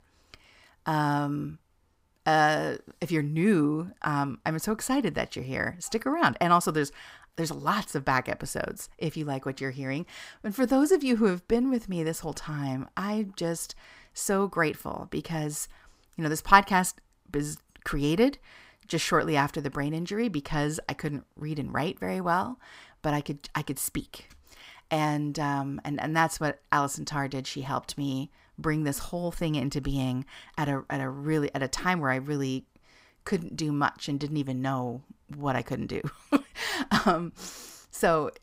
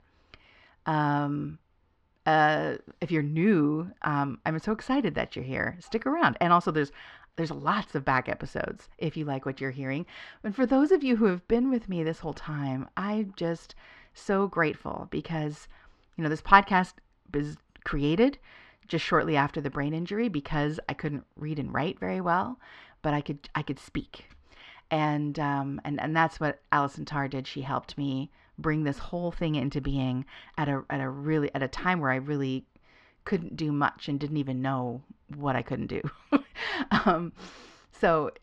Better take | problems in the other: first | muffled; slightly; fading above 3.5 kHz

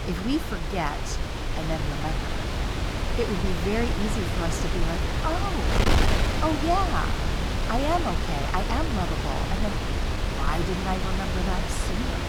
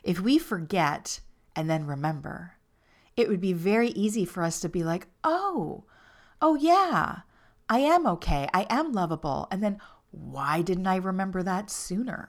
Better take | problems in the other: second | wind noise on the microphone; heavy; as loud as the speech

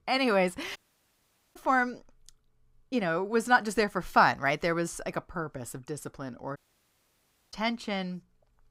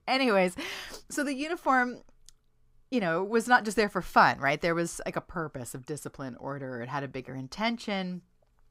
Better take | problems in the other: second | audio cutting out; at 1 s for 1 s and at 6.5 s for 1 s

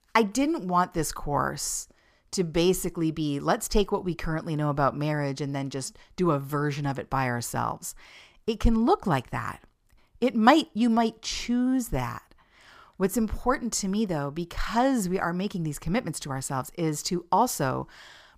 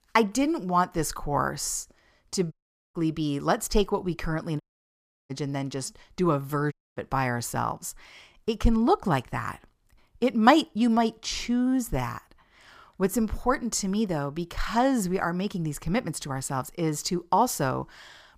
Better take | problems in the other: first | audio cutting out; at 2.5 s, at 4.5 s for 0.5 s and at 6.5 s

